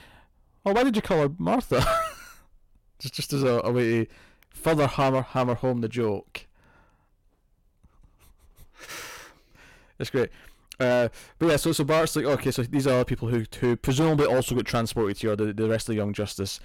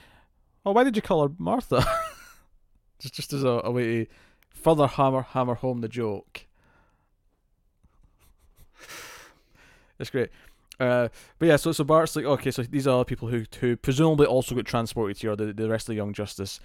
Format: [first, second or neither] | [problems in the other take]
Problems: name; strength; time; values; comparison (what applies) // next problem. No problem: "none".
second | distortion; heavy; 7% of the sound clipped